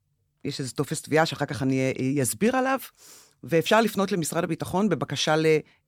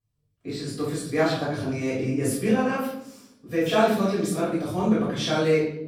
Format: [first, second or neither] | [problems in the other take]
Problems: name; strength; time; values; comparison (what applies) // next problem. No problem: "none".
first | room echo; noticeable; dies away in 0.8 s // off-mic speech; far